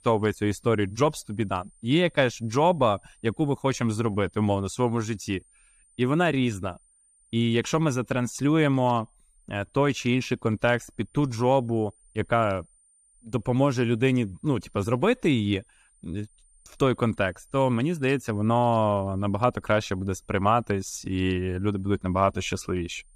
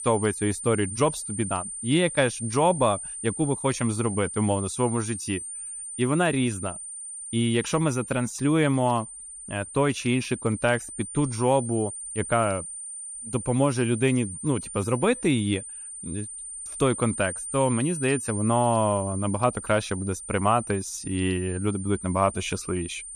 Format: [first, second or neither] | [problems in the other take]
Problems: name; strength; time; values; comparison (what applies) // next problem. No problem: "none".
first | high-pitched whine; loud; throughout; 9 kHz, 9 dB below the speech; faint in the first